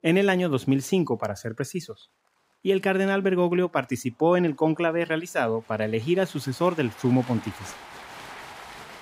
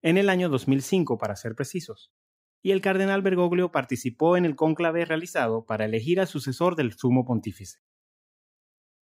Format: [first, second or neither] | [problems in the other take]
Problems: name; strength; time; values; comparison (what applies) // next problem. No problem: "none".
second | crowd noise; noticeable; throughout; 20 dB below the speech